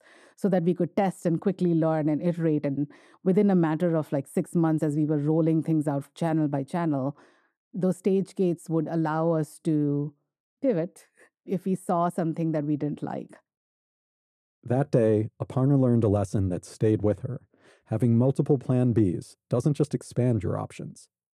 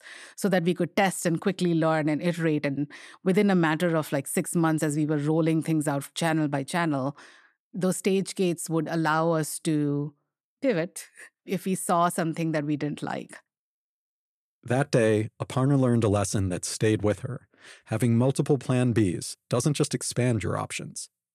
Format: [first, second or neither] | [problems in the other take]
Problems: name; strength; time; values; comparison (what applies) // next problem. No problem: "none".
second | muffled; slightly; fading above 1 kHz